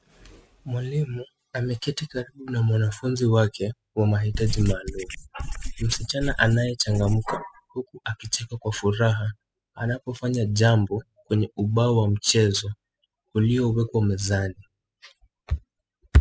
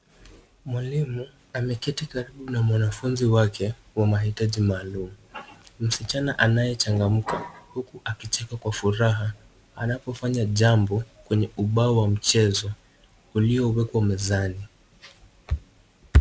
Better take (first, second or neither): second